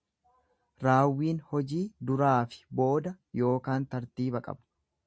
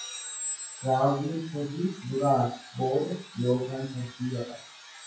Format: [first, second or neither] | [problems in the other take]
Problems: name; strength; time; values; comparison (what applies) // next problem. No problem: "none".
first | noise reduction (classical method WPE with log-MMSE)